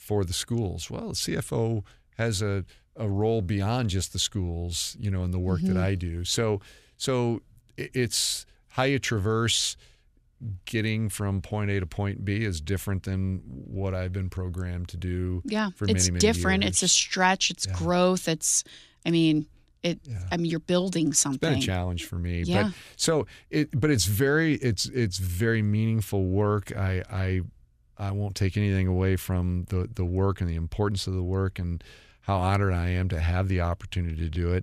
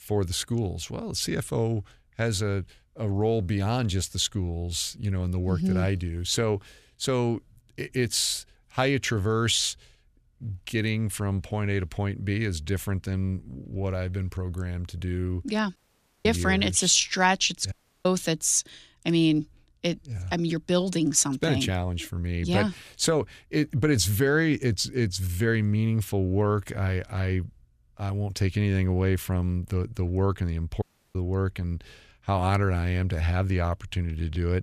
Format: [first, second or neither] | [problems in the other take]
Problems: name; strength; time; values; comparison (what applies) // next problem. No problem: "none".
first | audio cutting out; at 16 s, at 18 s and at 31 s